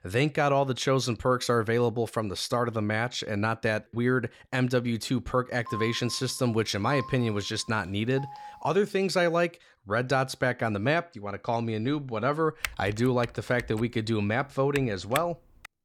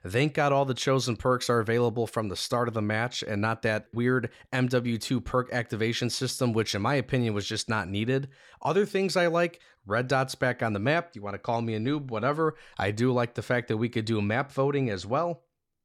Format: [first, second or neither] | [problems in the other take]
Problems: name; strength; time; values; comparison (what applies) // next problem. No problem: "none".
second | phone ringing; faint; from 5.5 to 8.5 s; peak 10 dB below the speech // keyboard typing; noticeable; from 13 s on; peak 8 dB below the speech